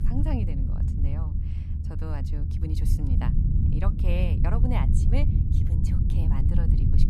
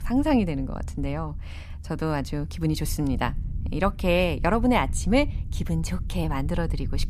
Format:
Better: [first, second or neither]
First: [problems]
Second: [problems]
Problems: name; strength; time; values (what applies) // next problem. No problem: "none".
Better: second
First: low rumble; loud; throughout; as loud as the speech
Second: low rumble; faint; throughout; 20 dB below the speech